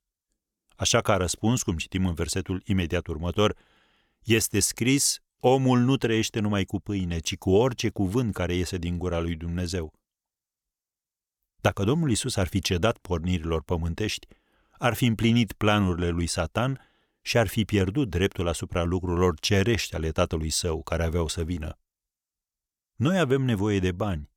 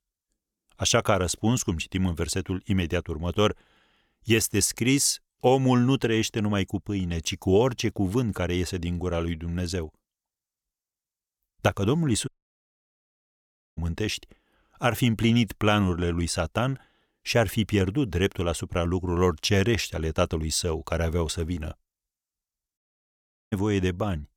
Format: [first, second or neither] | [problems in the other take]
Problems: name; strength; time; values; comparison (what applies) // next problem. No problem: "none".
first | audio cutting out; at 12 s for 1.5 s and at 23 s for 0.5 s